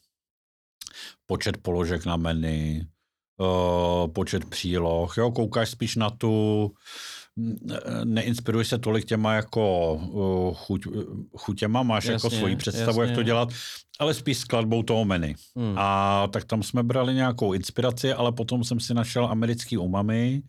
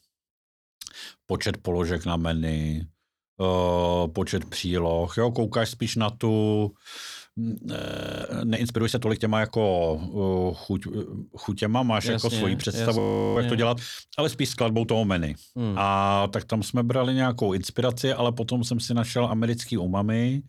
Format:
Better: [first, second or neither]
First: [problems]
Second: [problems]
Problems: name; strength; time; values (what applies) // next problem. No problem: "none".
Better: first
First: none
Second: audio freezing; at 8 s and at 13 s